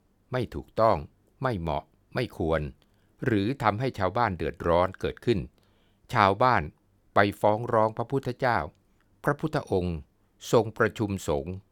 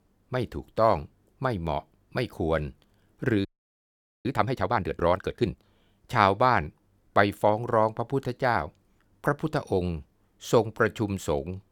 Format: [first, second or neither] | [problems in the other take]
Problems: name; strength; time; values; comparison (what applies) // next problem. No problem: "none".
first | audio freezing; at 3.5 s for 1 s